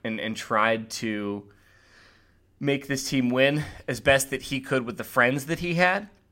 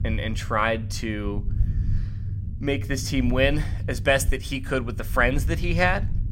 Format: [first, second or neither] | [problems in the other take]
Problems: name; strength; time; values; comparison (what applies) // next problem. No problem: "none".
first | low rumble; faint; throughout; 20 dB below the speech